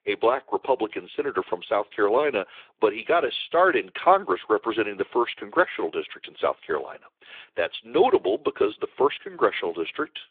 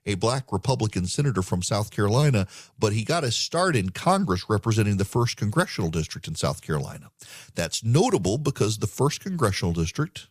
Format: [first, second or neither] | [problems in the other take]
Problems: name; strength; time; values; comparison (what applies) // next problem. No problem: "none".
second | phone-call audio; nothing above 3.5 kHz